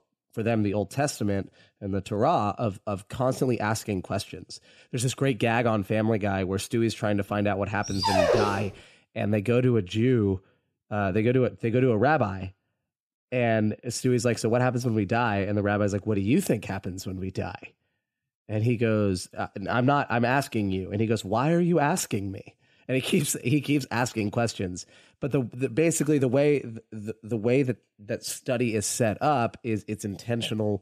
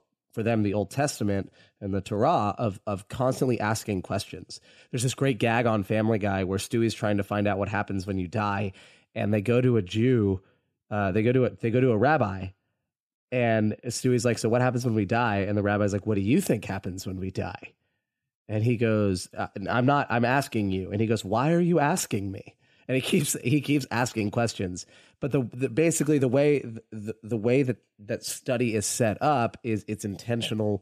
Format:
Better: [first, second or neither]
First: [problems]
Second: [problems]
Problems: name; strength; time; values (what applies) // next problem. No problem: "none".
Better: second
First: dog barking; loud; at 8 s; peak 4 dB above the speech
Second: none